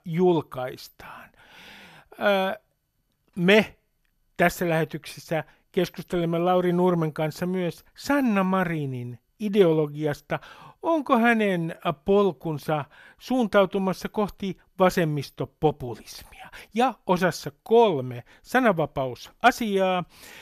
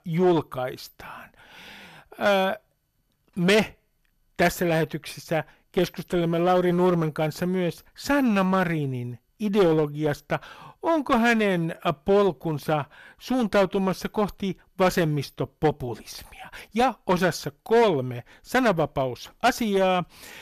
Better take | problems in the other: first | distortion; slight; 6% of the sound clipped

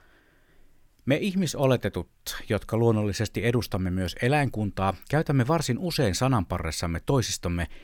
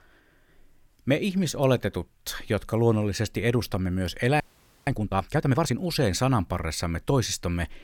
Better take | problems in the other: first | audio freezing; at 4.5 s

